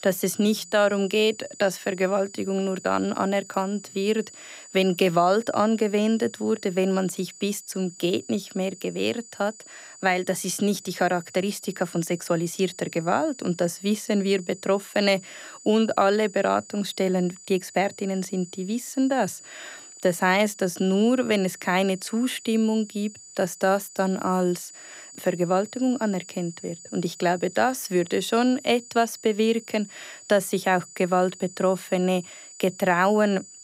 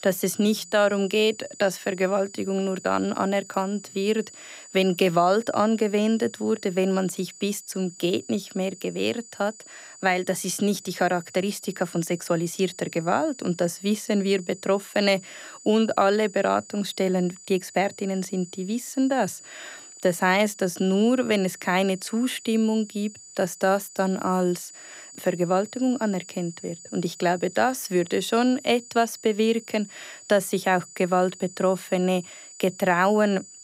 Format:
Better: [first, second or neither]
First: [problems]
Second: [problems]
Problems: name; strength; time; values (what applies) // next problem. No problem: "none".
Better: neither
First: high-pitched whine; noticeable; throughout; 7 kHz, 20 dB below the speech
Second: high-pitched whine; noticeable; throughout; 7 kHz, 20 dB below the speech